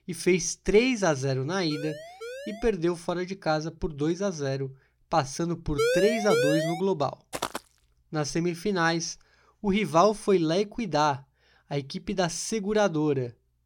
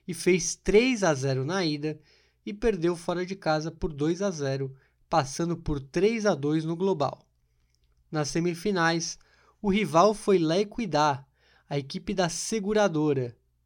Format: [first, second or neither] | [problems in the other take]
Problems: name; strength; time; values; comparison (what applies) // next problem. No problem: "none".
second | siren; faint; from 1.5 to 2.5 s; peak 10 dB below the speech // siren; loud; from 6 to 7 s; peak 2 dB above the speech // footsteps; noticeable; at 7.5 s; peak 7 dB below the speech